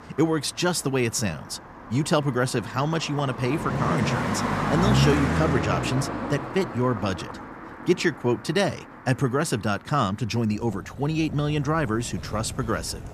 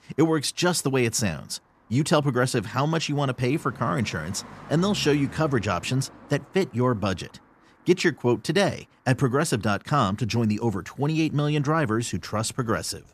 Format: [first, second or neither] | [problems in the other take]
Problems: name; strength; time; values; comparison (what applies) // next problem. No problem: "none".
second | traffic noise; loud; throughout; 3 dB below the speech; faint in the second